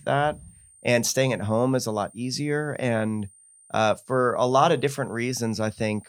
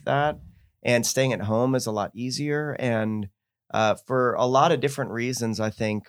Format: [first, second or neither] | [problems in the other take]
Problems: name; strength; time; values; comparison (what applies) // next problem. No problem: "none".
second | high-pitched whine; faint; throughout; 9 kHz, 25 dB below the speech